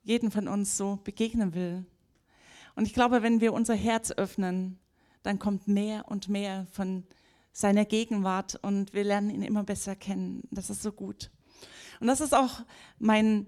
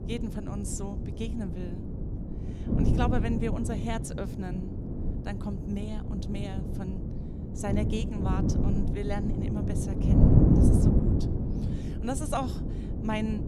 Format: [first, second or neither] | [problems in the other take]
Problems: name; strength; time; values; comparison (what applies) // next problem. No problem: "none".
first | wind noise on the microphone; heavy; as loud as the speech